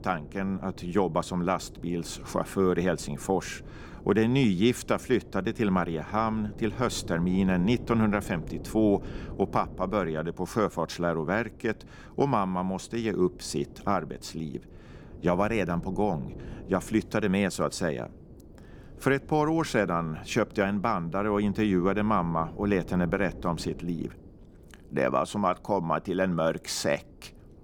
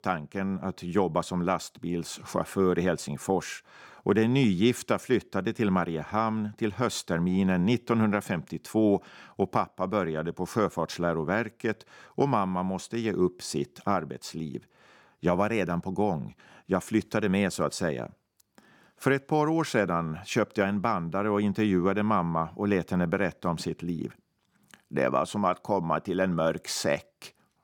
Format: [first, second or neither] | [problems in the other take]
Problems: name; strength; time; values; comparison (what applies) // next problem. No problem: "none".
second | wind noise on the microphone; occasional gusts; 20 dB below the speech